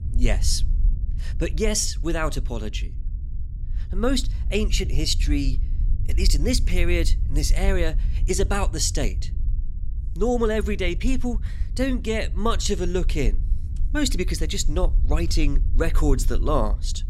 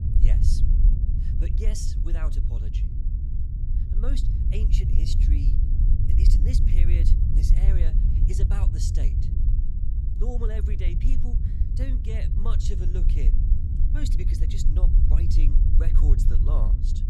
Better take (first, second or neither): first